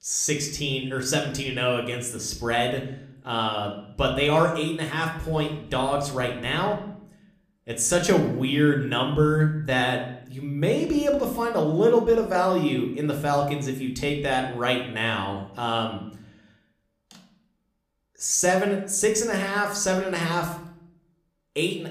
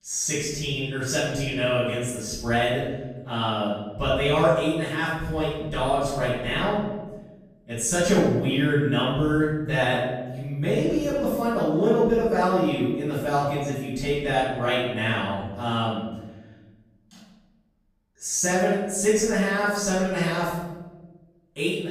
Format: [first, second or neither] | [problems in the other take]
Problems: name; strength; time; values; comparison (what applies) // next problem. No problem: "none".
first | room echo; strong; dies away in 1.2 s; slight in the first // off-mic speech; far